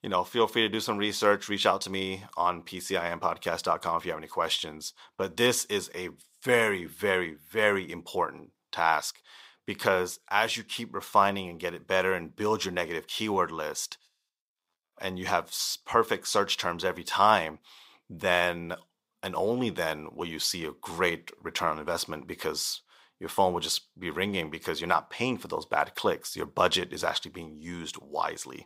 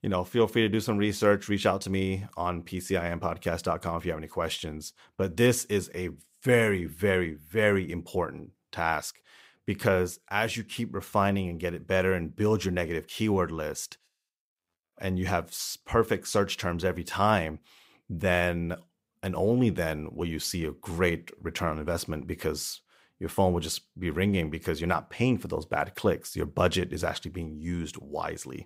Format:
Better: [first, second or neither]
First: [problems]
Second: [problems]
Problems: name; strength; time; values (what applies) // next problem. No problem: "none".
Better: second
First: thin; somewhat; fading below 450 Hz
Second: none